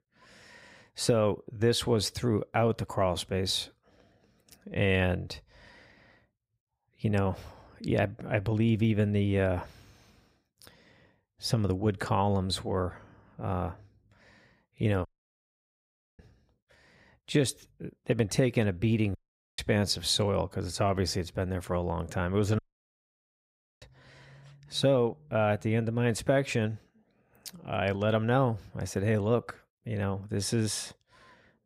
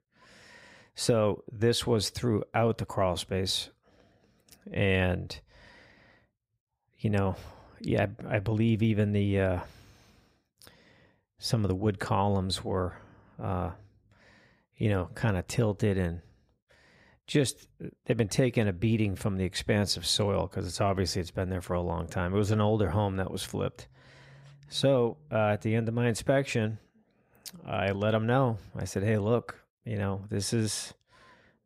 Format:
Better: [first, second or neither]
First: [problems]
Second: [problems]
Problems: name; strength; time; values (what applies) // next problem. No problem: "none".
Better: second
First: audio cutting out; at 15 s for 1 s, at 19 s and at 23 s for 1 s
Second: none